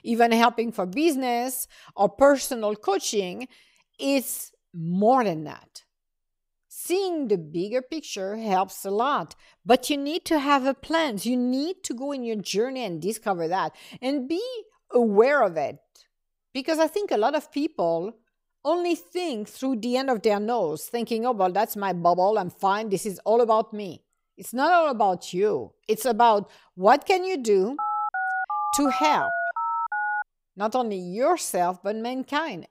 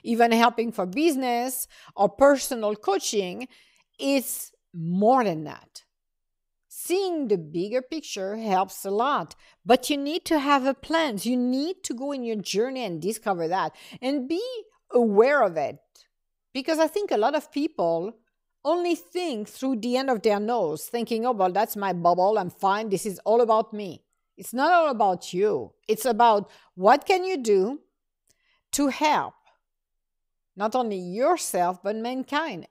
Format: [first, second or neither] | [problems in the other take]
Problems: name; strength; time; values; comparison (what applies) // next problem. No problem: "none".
second | phone ringing; noticeable; from 28 to 30 s; peak 2 dB below the speech